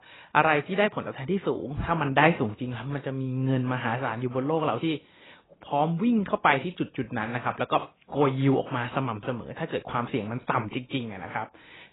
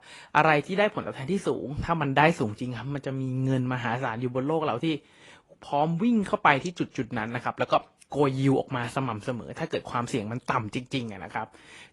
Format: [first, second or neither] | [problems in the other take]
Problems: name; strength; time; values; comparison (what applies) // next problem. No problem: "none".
second | garbled, watery; badly; nothing above 4 kHz; slightly in the second